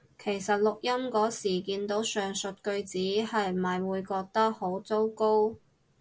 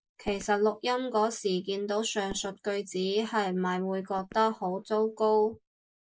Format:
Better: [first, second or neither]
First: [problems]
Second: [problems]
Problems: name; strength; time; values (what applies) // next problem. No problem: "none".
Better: first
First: none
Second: noise reduction (neural mask model Resemble Enhance denoiser)